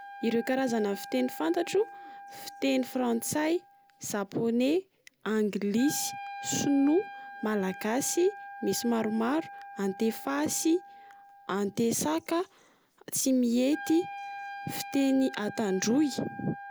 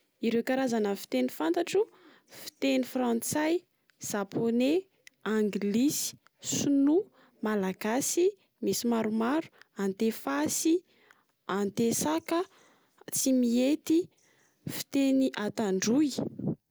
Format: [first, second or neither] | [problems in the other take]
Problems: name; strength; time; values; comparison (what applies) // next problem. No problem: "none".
second | background sound (Wind instrument, woodwind instrument); 15 dB below the speech